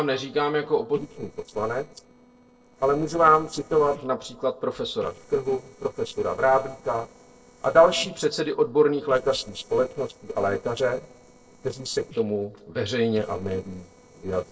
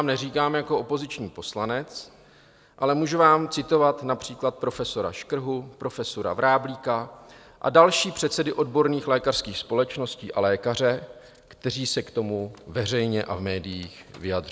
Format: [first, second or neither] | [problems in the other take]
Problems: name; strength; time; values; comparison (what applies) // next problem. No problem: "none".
second | noise reduction (neural separator model SepFormer DNS4)